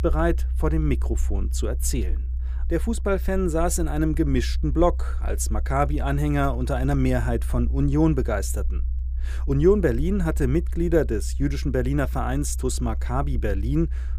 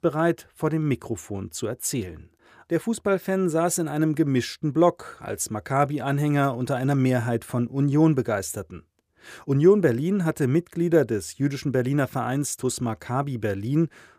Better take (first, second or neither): second